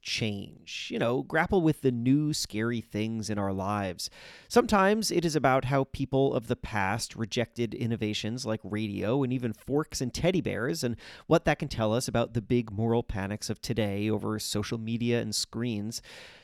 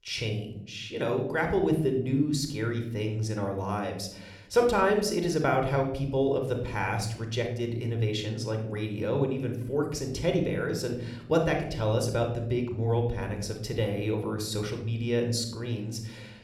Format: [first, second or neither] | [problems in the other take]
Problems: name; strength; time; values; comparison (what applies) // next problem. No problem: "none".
first | room echo; slight; dies away in 0.7 s